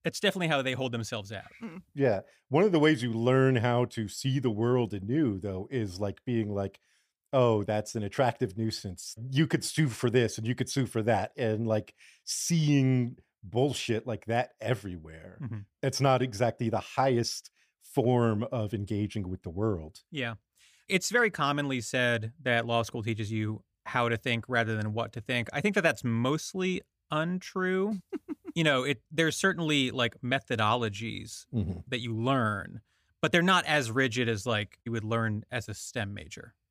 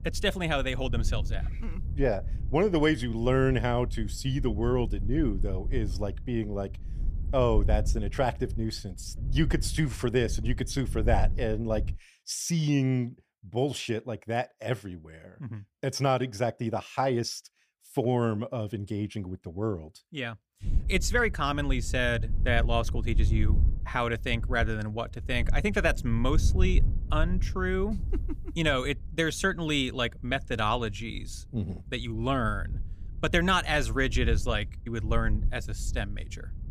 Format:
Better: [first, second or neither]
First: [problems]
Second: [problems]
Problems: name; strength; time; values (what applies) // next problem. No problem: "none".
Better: first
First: none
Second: wind noise on the microphone; occasional gusts; until 12 s and from 21 s on; 20 dB below the speech